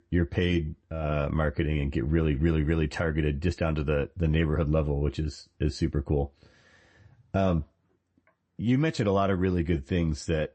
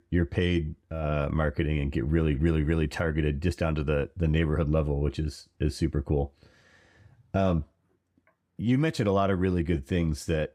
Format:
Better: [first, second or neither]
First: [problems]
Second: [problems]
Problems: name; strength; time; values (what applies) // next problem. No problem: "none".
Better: second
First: garbled, watery; slightly; nothing above 8 kHz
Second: none